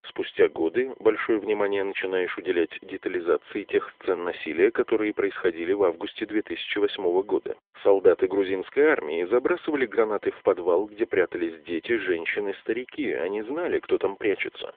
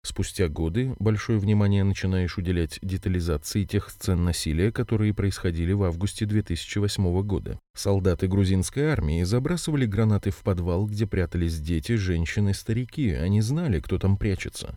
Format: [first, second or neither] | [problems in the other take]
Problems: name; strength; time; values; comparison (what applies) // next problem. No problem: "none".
second | phone-call audio; nothing above 3.5 kHz